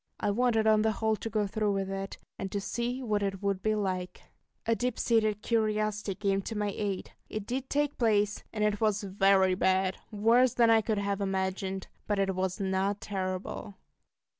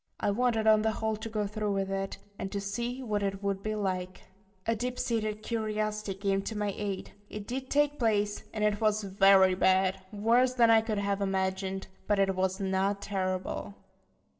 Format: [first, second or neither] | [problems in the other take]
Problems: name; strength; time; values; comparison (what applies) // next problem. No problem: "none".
first | room echo; dies away in 0.3 s